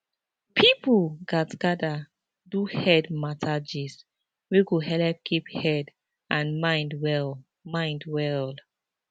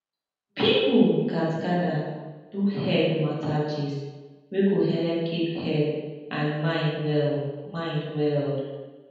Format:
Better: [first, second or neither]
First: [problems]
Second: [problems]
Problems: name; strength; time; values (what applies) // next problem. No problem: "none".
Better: first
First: none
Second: room echo; dies away in 1.2 s